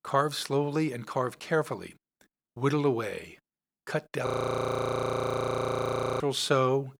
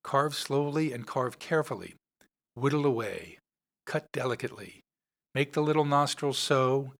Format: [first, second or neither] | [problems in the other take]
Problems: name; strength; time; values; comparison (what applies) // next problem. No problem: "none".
second | audio freezing; at 4.5 s for 2 s